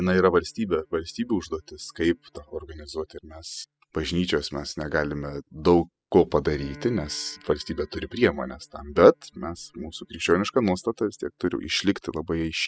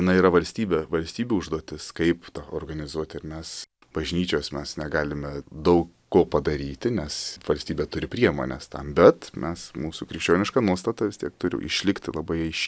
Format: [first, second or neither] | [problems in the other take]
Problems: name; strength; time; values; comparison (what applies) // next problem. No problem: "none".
second | noise reduction (classical method spectral subtraction)